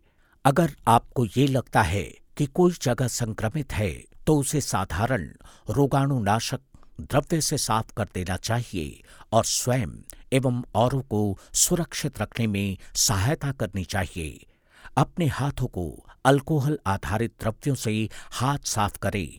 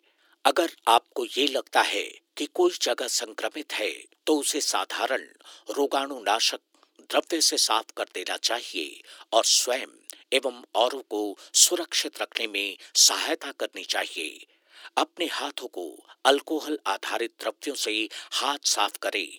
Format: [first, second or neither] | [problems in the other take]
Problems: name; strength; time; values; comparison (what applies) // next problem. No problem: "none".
first | thin; very; fading below 300 Hz